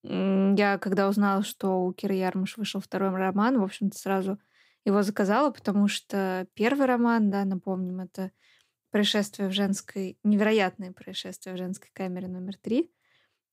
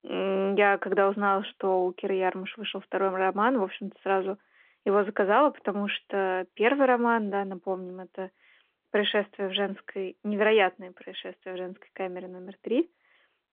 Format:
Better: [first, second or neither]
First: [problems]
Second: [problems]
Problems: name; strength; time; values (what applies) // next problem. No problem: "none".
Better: first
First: none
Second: phone-call audio; nothing above 3.5 kHz